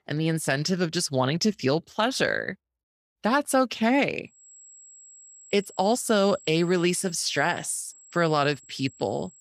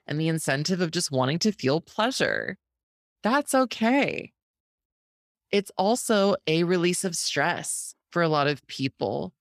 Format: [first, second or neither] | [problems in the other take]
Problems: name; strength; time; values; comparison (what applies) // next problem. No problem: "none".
second | high-pitched whine; faint; from 4.5 s on; 7.5 kHz, 25 dB below the speech